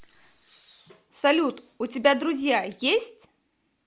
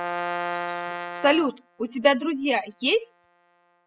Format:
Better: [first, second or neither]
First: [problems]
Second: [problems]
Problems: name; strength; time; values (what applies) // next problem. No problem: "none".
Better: first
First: none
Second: noise reduction (classical method spectral subtraction)